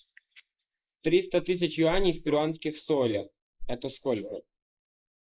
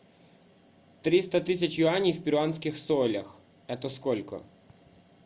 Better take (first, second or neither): second